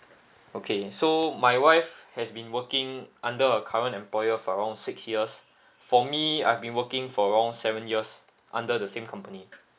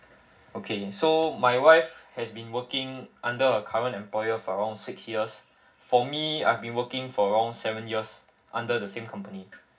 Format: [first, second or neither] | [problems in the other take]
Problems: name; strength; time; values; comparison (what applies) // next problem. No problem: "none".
first | room echo; dies away in 0.4 s